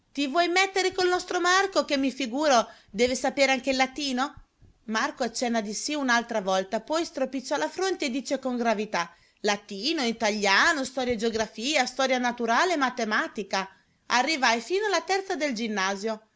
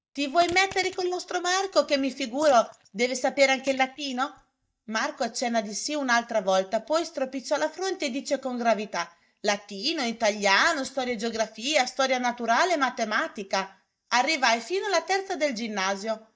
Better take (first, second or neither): first